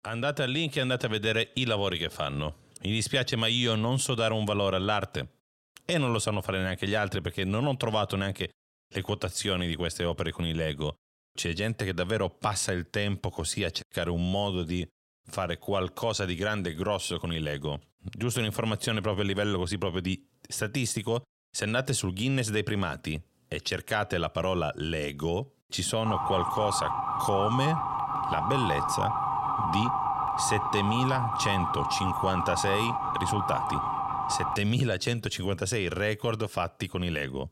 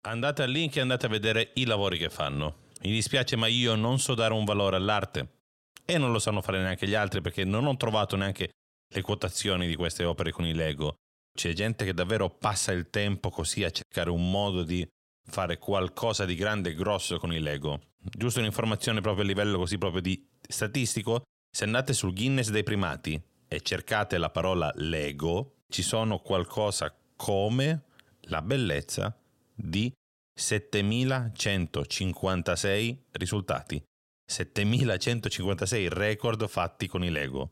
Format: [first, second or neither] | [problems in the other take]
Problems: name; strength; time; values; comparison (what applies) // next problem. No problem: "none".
second | siren; loud; from 26 to 35 s; peak 2 dB above the speech